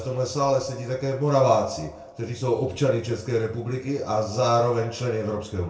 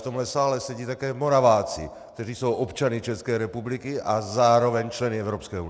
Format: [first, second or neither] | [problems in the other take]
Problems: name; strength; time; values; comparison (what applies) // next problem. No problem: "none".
second | room echo; dies away in 0.3 s